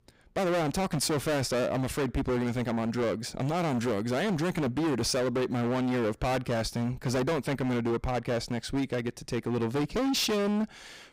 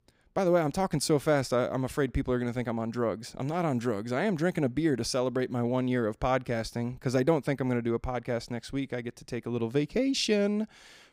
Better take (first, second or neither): second